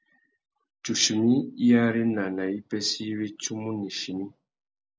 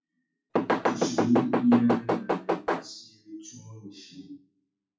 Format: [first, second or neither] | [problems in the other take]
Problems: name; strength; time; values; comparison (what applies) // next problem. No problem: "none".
first | noise reduction (classical method WPE with log-MMSE)